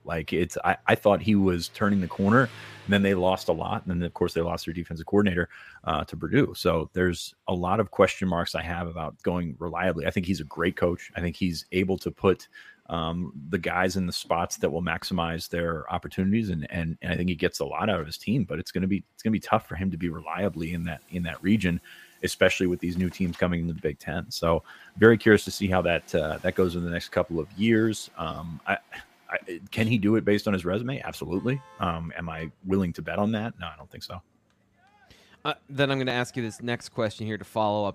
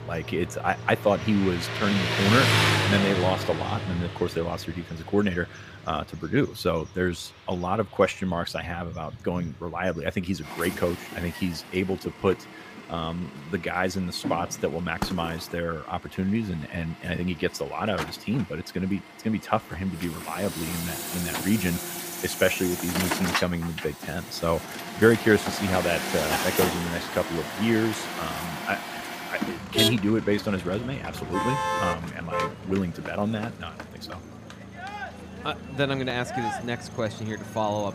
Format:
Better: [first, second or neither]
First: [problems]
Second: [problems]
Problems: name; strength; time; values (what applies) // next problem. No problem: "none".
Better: first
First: traffic noise; faint; throughout; 30 dB below the speech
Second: traffic noise; loud; throughout; 2 dB below the speech